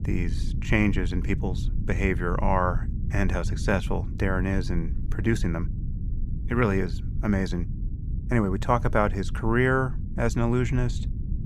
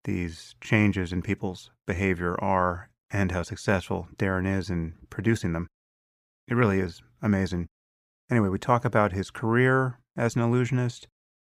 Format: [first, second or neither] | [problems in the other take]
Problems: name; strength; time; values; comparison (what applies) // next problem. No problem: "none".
second | low rumble; noticeable; throughout; 15 dB below the speech